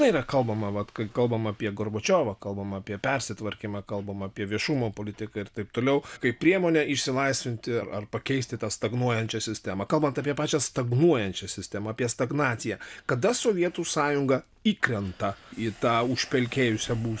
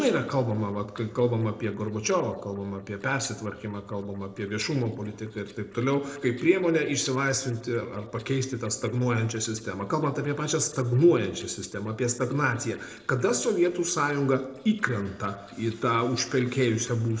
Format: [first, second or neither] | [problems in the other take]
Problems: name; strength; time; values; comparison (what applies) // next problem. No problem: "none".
first | noise reduction (neural separator model SepFormer DNS4)